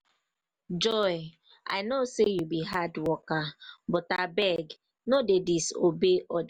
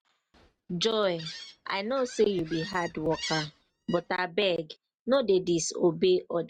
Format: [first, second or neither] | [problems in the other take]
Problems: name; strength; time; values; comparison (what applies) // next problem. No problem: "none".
first | noise reduction (neural mask model RNNoise)